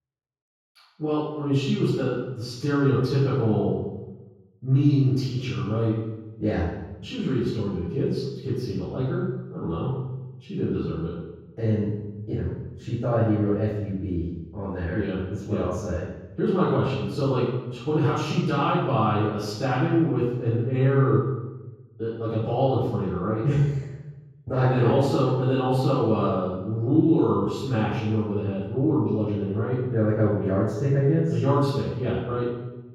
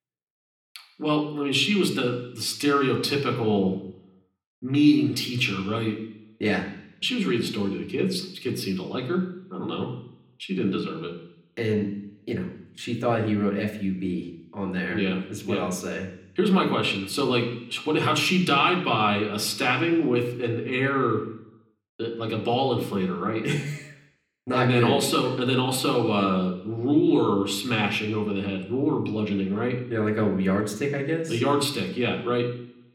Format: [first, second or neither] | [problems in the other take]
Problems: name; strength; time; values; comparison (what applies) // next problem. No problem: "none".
second | room echo; strong; dies away in 1.3 s; slight in the second // off-mic speech; far; somewhat distant in the second